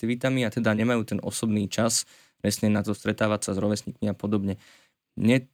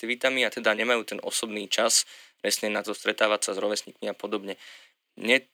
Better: first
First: none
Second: thin; very; fading below 400 Hz

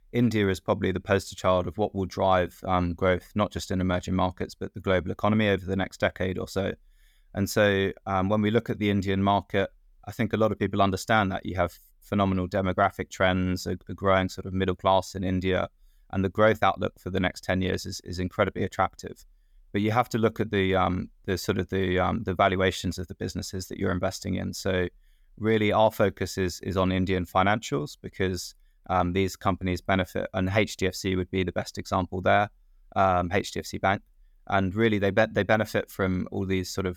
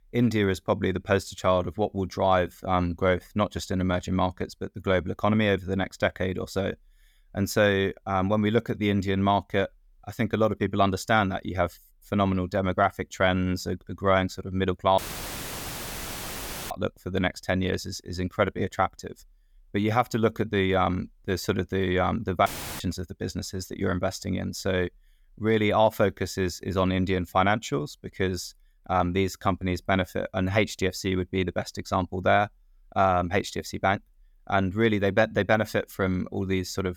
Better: first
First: none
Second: audio cutting out; filled with static; at 15 s for 1.5 s and at 22 s

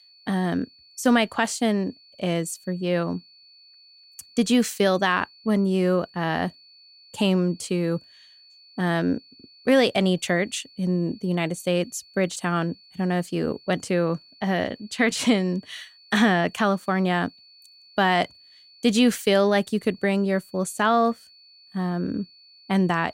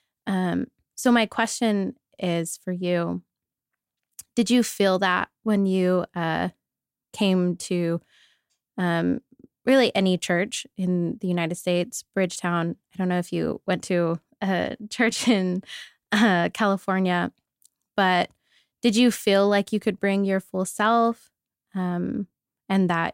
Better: second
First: high-pitched whine; faint; throughout; 4.5 kHz, 25 dB below the speech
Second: none

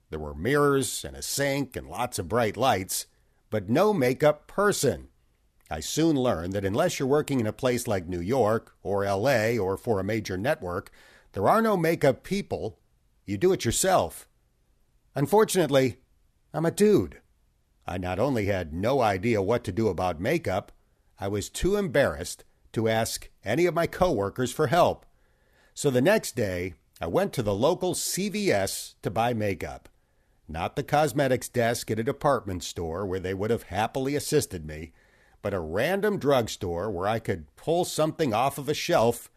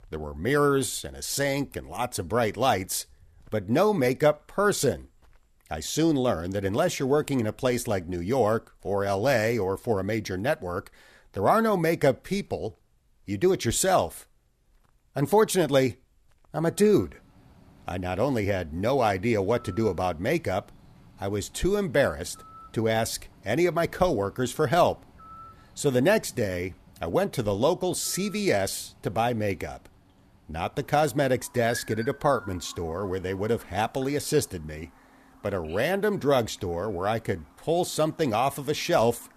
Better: first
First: none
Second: animal sounds; faint; throughout; 25 dB below the speech

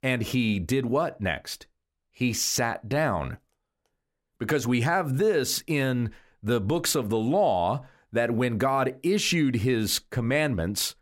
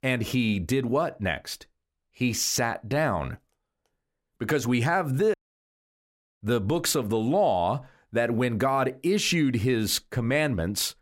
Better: first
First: none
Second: audio cutting out; at 5.5 s for 1 s

